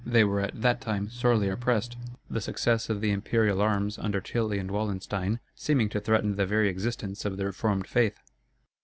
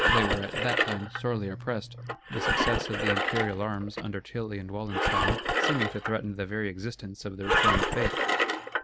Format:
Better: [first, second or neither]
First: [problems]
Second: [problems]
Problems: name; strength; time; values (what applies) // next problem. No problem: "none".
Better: first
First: none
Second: background sound (Engine); 3 dB above the speech